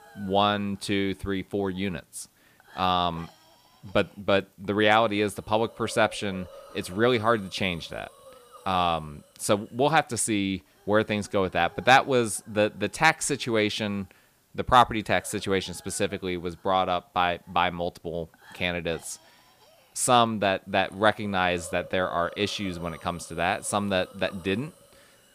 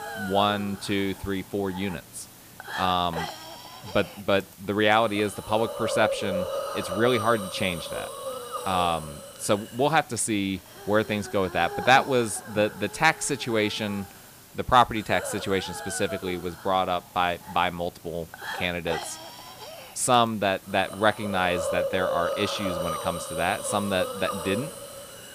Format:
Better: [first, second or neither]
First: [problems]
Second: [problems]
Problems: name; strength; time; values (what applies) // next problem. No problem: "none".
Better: first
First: hiss; faint; throughout; 25 dB below the speech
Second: hiss; loud; throughout; 9 dB below the speech